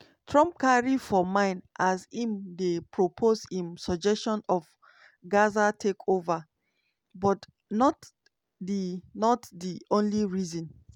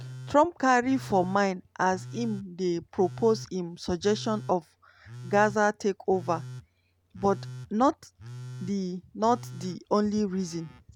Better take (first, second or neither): first